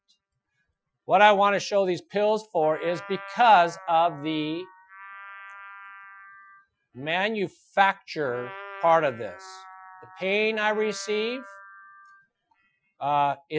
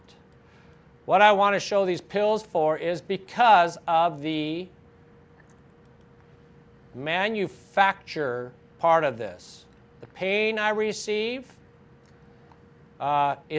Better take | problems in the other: second | noise reduction (classical method Wiener filter)

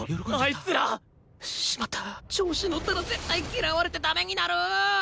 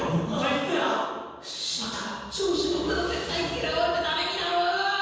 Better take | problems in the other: first | room echo; dies away in 1.2 s

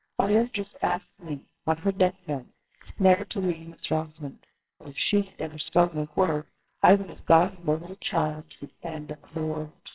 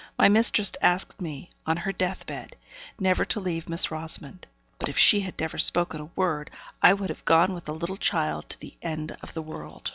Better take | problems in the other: second | noise reduction (neural separator model SepFormer WHAMR!)

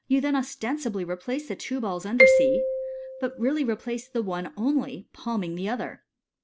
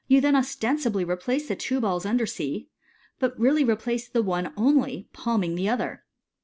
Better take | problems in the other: second | background sound (Marimba, xylophone); 2 dB above the speech

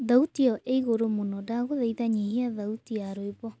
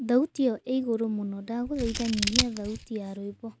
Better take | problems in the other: first | background sound (Scissors); 2 dB below the speech

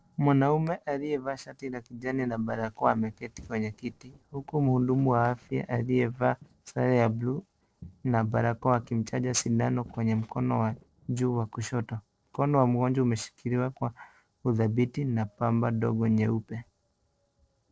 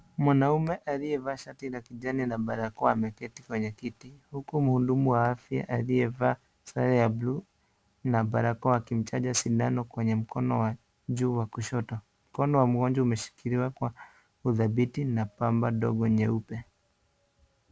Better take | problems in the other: second | noise reduction (neural separator model SepFormer DNS4)

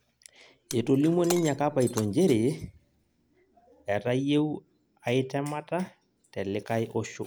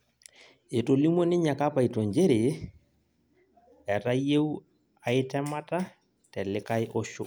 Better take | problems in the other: second | background sound (Shatter); 16 dB below the speech

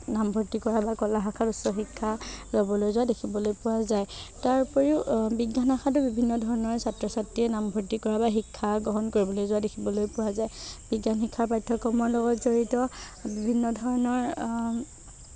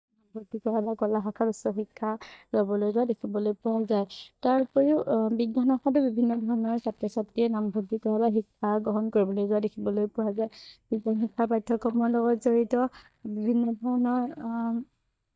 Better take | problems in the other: first | noise reduction (neural mask model DeepFilterNet 3)

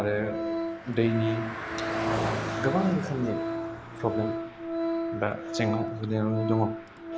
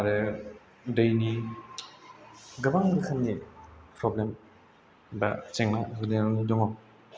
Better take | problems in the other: second | background sound (Organ + Car passing by); 2 dB below the speech

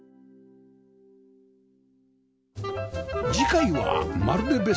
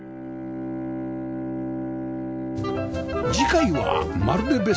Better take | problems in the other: first | background sound (Bowed string instrument); 6 dB below the speech

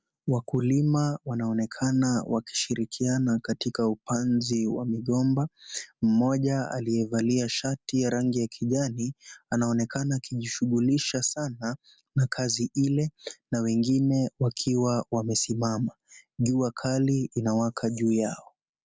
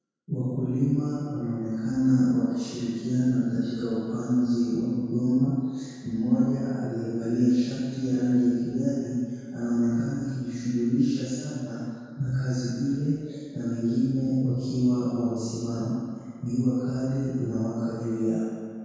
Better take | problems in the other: first | room echo; dies away in 2 s

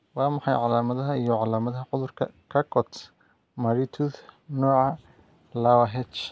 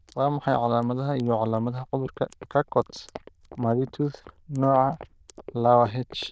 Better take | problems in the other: first | noise reduction (neural diffusion model UNIVERSE++)

